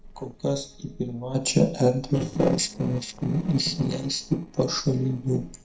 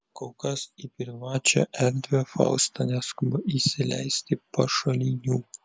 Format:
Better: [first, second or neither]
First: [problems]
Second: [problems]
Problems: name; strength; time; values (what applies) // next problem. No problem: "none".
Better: second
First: noise reduction (neural separator model SepFormer DNS4)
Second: none